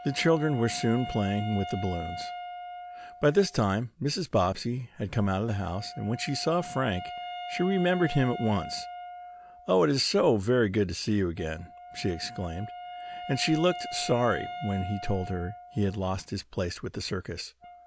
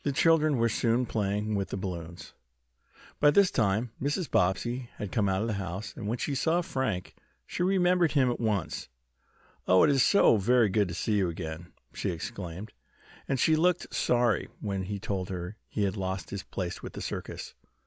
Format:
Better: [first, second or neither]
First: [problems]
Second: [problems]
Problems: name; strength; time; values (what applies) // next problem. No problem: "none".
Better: second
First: background sound (Wind instrument, woodwind instrument); 12 dB below the speech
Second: none